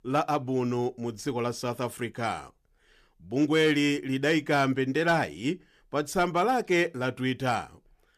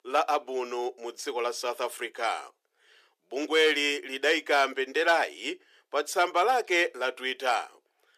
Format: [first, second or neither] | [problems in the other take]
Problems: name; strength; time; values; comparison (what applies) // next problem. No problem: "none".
first | thin; very; fading below 400 Hz